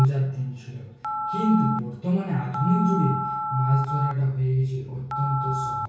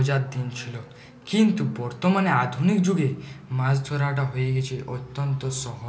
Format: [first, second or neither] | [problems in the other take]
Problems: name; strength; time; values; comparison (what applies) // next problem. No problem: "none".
second | background sound (Telephone); 6 dB below the speech // room echo; dies away in 0.6 s